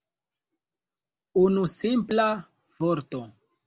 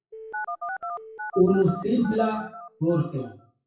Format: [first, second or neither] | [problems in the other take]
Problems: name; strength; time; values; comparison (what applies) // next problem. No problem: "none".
first | noise reduction (classical method WPE with log-MMSE)